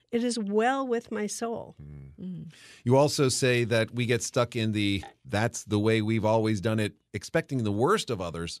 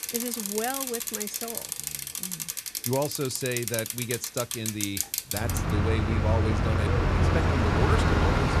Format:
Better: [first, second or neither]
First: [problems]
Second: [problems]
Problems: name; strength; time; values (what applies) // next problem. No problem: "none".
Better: first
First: none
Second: traffic noise; very loud; throughout; 5 dB above the speech